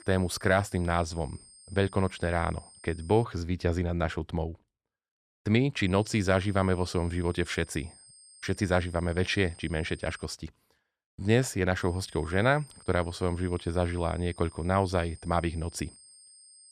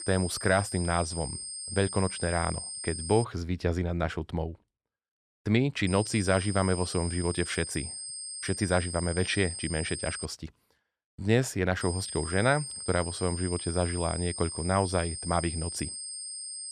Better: first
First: high-pitched whine; faint; until 3 s, from 6 to 10 s and from 12 s on; 8.5 kHz, 20 dB below the speech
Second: high-pitched whine; loud; until 3 s, from 6 to 10 s and from 12 s on; 8.5 kHz, 7 dB below the speech

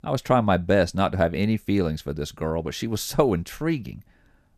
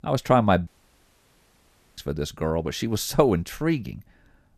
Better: first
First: none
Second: audio cutting out; at 0.5 s for 1.5 s

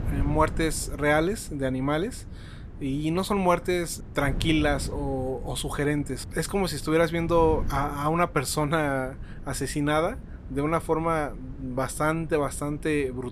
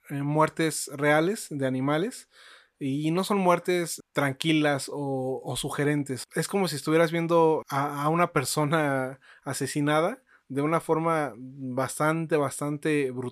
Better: second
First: wind noise on the microphone; occasional gusts; 20 dB below the speech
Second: none

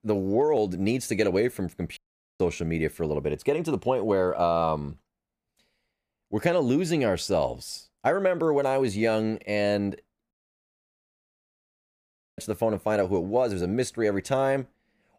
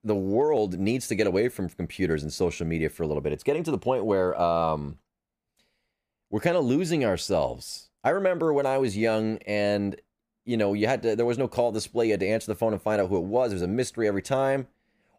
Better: second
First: audio cutting out; at 2 s and at 10 s for 2 s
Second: none

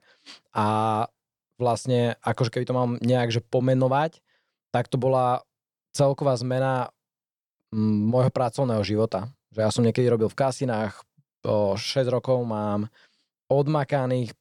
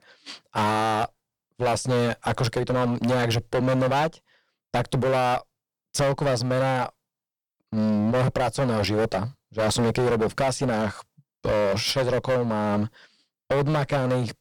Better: first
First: none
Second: distortion; heavy; 20% of the sound clipped

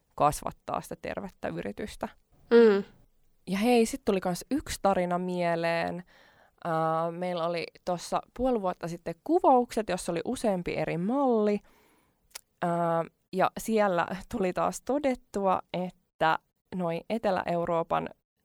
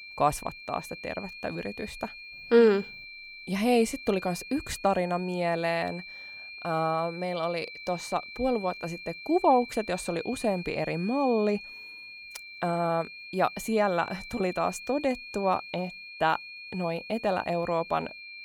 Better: first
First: none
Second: high-pitched whine; noticeable; throughout; 2.5 kHz, 10 dB below the speech

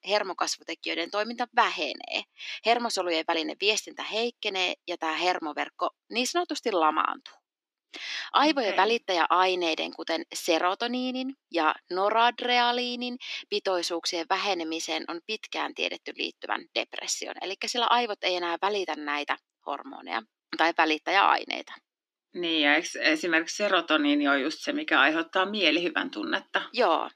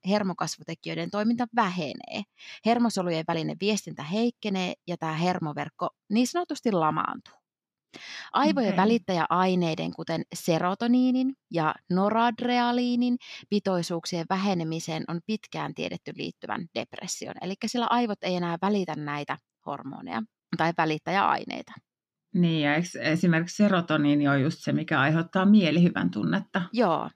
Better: second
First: thin; somewhat; fading below 300 Hz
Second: none

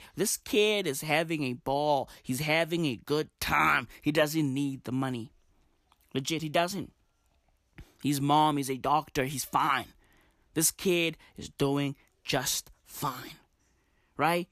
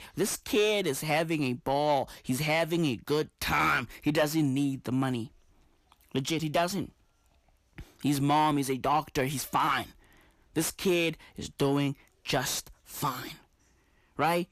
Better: first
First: none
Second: distortion; slight; 10 dB below the speech

